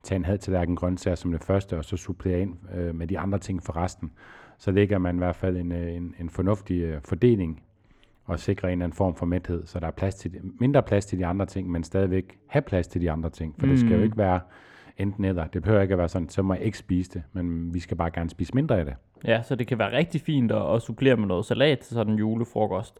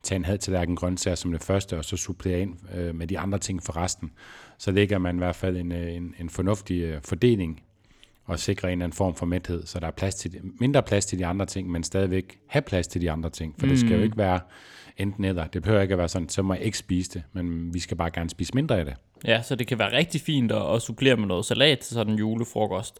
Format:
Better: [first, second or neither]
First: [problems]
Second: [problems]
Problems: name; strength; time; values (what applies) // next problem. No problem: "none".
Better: second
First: muffled; slightly; fading above 2.5 kHz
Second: none